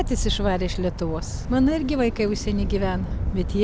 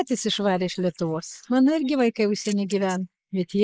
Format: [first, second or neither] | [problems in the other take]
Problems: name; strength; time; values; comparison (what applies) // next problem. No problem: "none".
first | noise reduction (neural mask model Resemble Enhance denoiser)